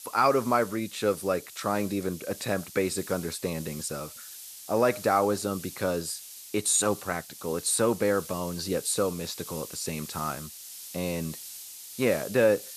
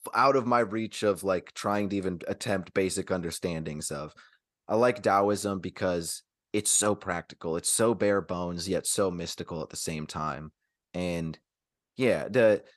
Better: second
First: hiss; noticeable; throughout; 15 dB below the speech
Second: none

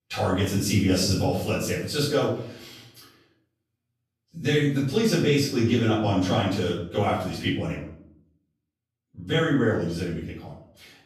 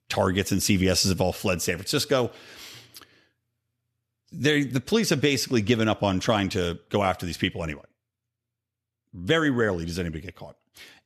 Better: second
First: room echo; noticeable; dies away in 0.6 s // off-mic speech; far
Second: none

